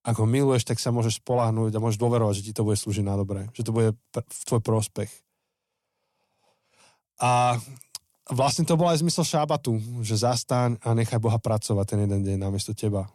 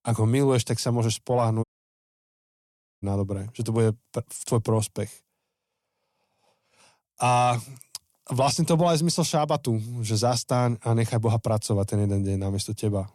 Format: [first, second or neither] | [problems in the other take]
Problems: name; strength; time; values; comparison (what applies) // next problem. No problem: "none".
first | audio cutting out; at 1.5 s for 1.5 s